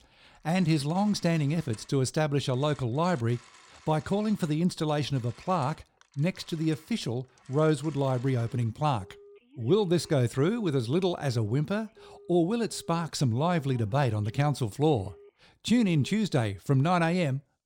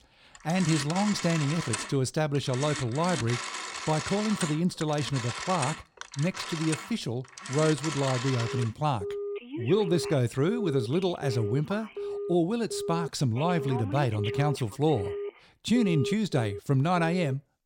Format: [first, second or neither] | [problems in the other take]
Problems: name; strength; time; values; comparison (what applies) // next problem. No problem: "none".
first | alarms or sirens; loud; throughout; 7 dB below the speech; faint in the first